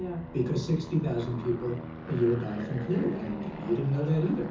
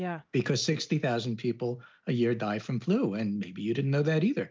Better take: second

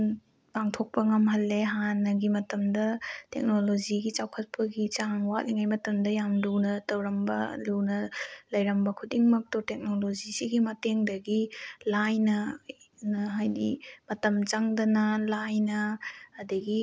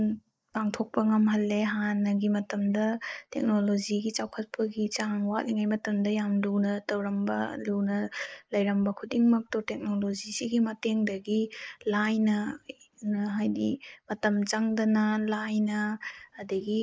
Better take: first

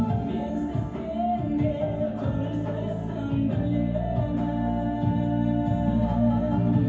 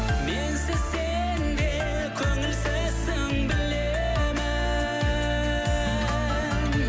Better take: second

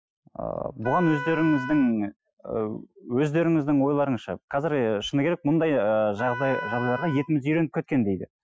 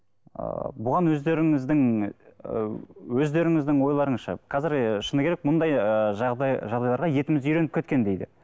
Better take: second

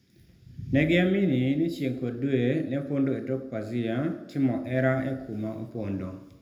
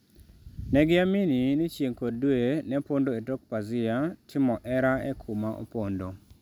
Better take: second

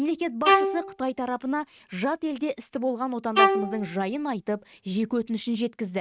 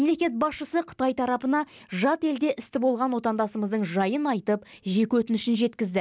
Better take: second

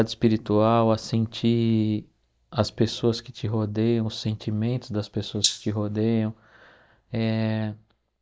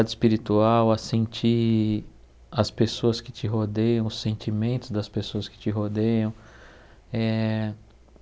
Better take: second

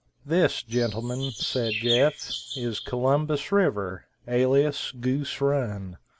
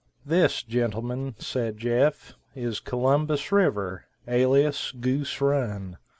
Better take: second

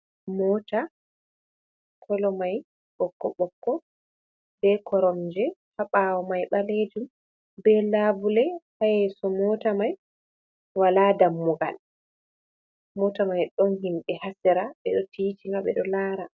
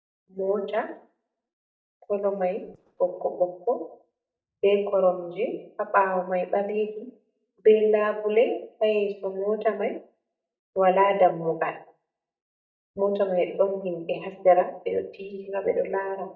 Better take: first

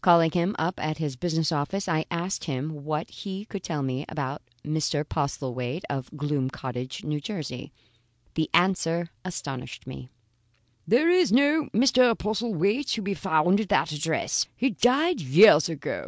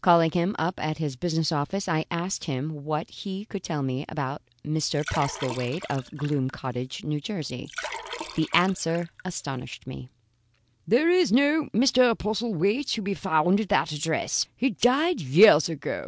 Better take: first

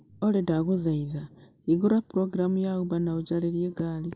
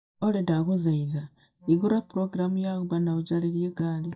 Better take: first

